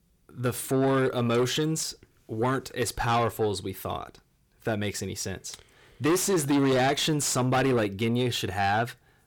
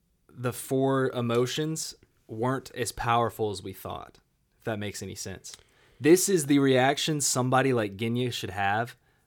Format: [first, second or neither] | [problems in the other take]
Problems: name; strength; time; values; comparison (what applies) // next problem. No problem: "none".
second | distortion; heavy; 8 dB below the speech